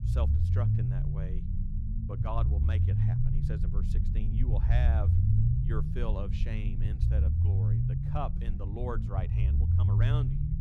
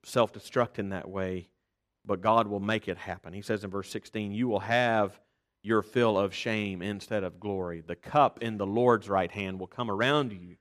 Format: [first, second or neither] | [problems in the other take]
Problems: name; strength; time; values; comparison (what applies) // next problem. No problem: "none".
second | low rumble; loud; throughout; as loud as the speech